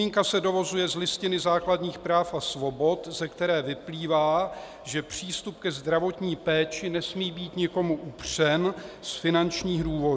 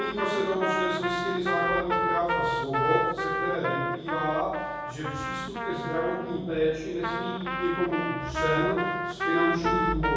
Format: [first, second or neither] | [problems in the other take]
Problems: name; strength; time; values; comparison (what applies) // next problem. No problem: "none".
first | background sound (Trumpet); 1 dB below the speech // room echo; dies away in 1.3 s